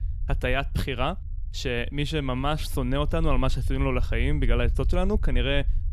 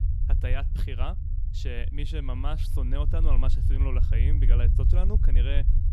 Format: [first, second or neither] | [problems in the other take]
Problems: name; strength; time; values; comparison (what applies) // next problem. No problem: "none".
first | low rumble; loud; throughout; 6 dB below the speech; faint in the first